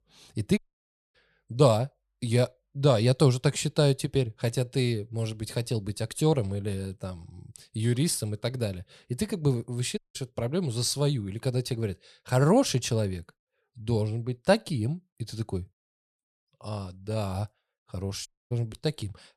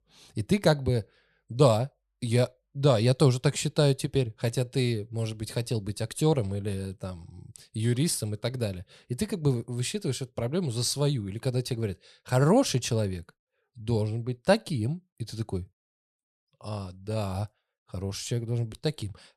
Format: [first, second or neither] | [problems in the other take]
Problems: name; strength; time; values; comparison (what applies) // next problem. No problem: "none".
second | audio cutting out; at 0.5 s for 0.5 s, at 10 s and at 18 s